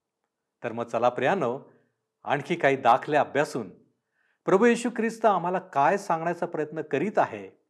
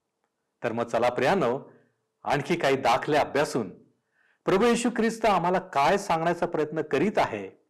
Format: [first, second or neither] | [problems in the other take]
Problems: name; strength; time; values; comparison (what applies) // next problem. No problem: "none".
first | distortion; heavy; 9% of the sound clipped